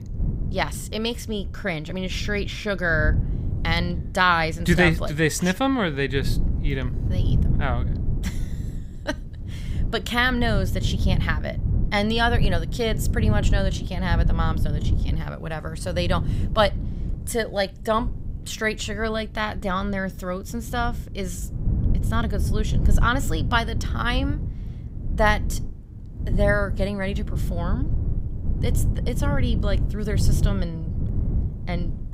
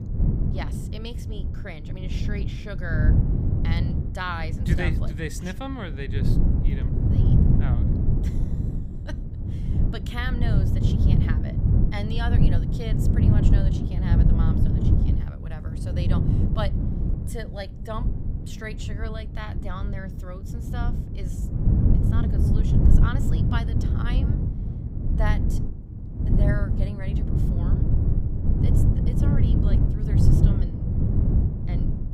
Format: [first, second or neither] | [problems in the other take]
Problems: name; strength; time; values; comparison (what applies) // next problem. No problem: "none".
first | wind noise on the microphone; heavy; 1 dB above the speech; occasional gusts in the first